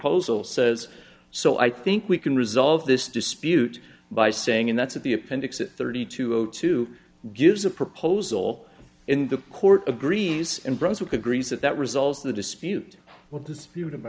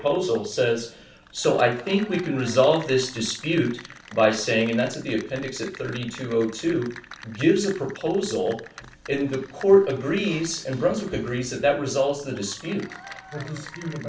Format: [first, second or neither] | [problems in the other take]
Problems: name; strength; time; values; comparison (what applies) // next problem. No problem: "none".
first | background sound (Applause / Cheering); 20 dB below the speech // room echo; dies away in 0.3 s